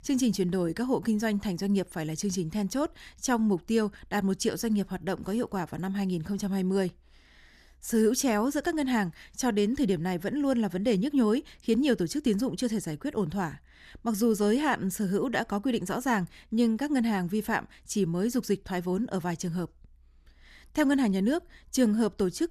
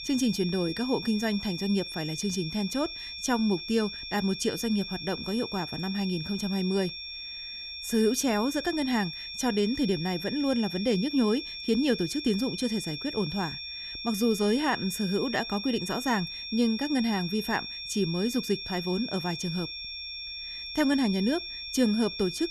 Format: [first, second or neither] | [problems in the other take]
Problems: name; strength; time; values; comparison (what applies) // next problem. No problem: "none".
first | high-pitched whine; loud; throughout; 5.5 kHz, 7 dB below the speech